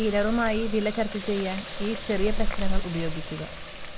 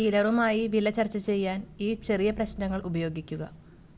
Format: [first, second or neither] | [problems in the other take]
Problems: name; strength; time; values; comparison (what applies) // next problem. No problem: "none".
second | background sound (Water tap, faucet); as loud as the speech